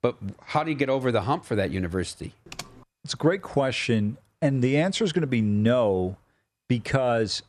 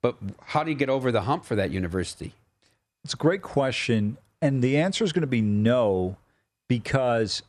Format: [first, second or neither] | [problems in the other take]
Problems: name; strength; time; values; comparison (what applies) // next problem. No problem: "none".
second | keyboard typing; faint; at 2.5 s; peak 15 dB below the speech